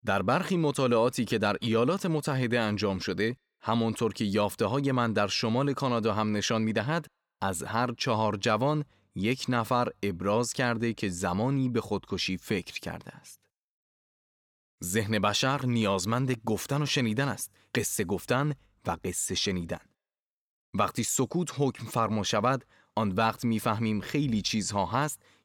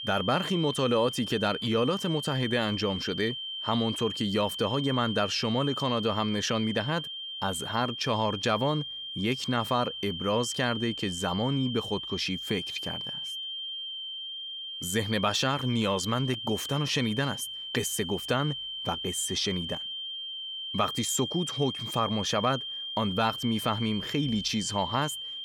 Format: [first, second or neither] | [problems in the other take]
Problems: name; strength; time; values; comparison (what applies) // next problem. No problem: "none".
first | high-pitched whine; loud; throughout; 3 kHz, 5 dB below the speech